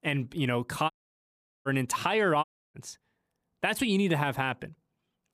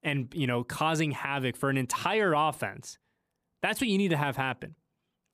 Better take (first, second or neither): second